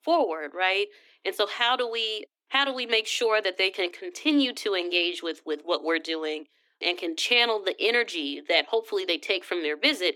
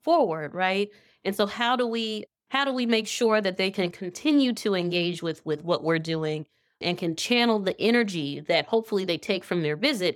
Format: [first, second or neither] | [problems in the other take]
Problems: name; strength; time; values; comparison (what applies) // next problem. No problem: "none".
second | thin; very slightly; fading below 300 Hz